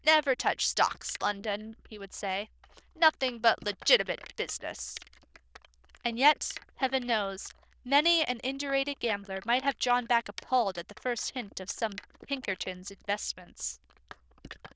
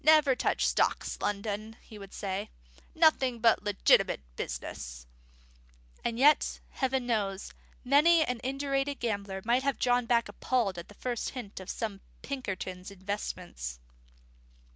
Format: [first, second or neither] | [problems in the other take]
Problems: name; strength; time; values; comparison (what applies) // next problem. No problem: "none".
second | noise reduction (neural diffusion model UNIVERSE++)